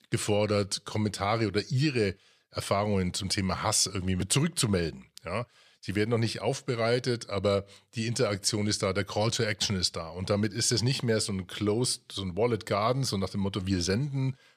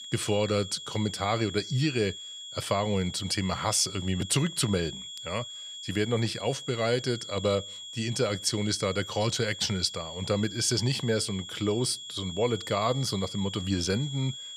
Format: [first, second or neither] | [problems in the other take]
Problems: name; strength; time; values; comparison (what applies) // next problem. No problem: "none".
first | high-pitched whine; loud; throughout; 3.5 kHz, 10 dB below the speech